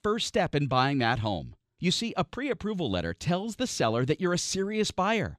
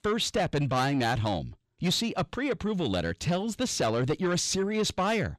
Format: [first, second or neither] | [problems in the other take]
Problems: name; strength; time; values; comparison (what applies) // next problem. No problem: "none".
first | distortion; slight; 10 dB below the speech